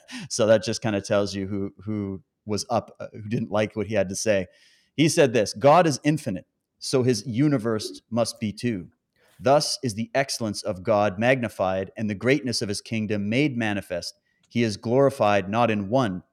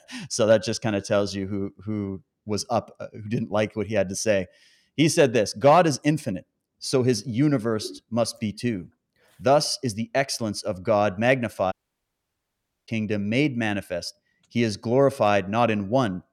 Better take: first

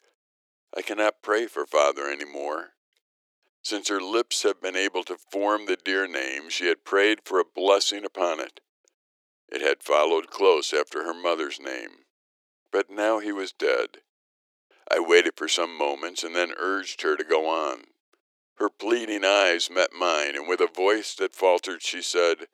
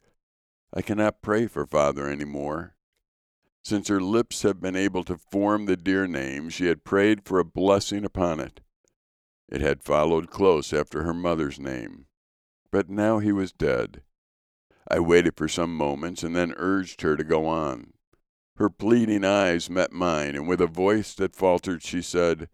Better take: second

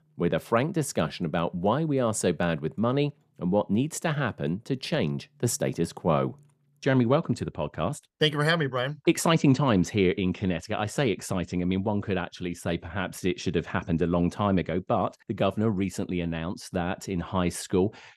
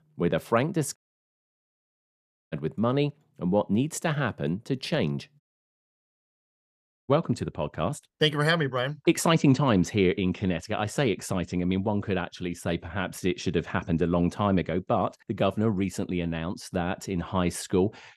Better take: first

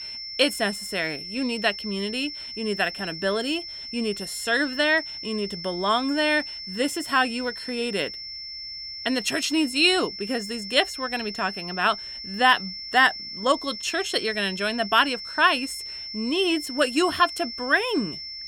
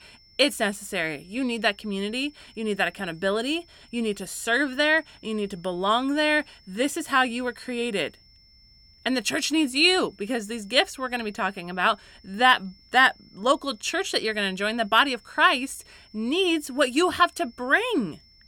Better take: second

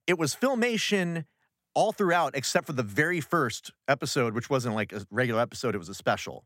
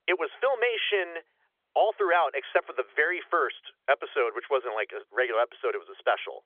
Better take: first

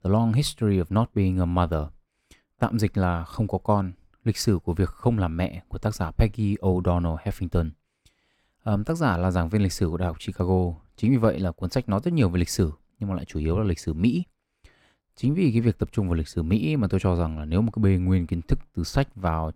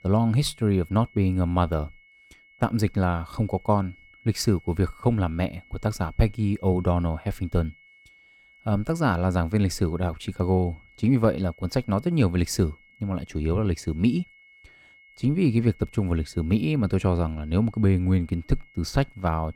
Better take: first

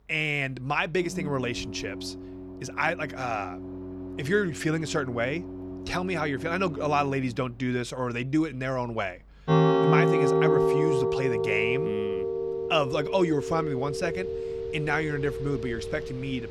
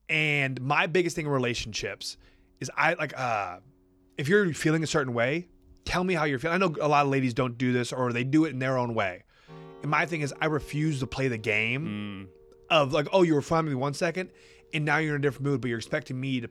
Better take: second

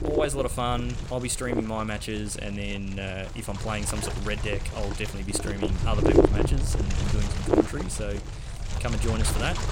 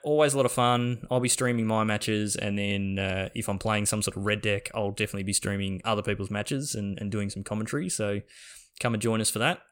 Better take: second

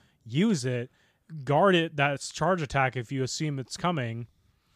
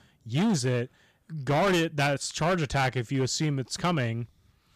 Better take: first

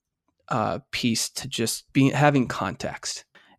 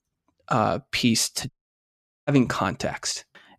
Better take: first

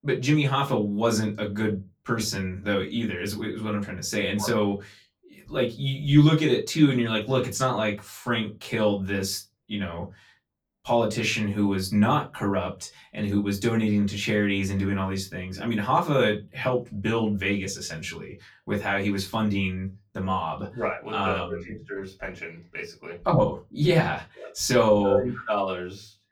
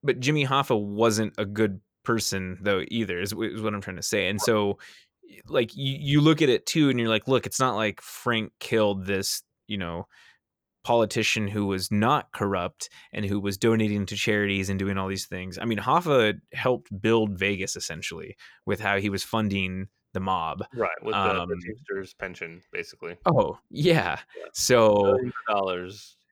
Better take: second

